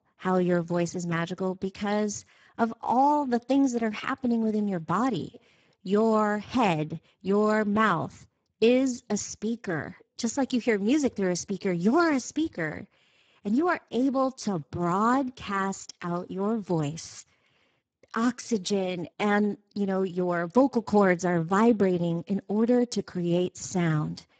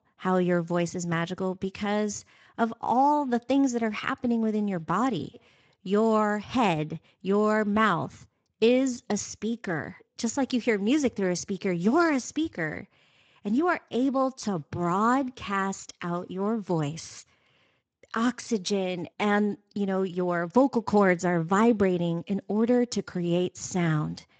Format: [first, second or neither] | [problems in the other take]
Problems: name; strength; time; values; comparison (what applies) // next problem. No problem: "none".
second | garbled, watery; badly; nothing above 7.5 kHz; slightly in the second